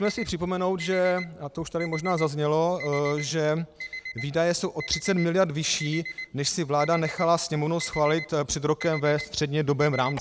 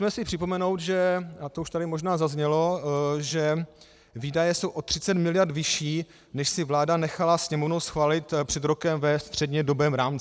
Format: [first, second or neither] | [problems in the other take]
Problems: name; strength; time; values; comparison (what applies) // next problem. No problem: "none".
second | background sound (Alarm); 14 dB below the speech